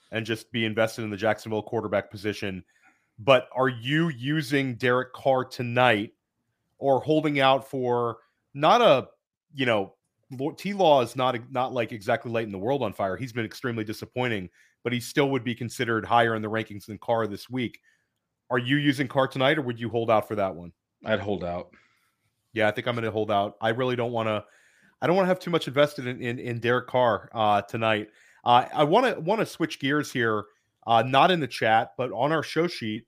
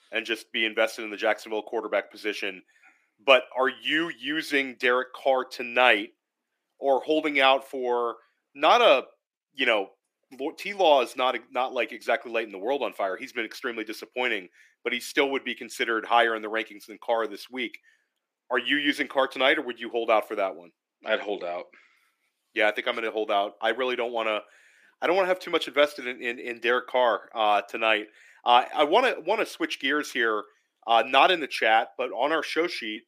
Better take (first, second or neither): first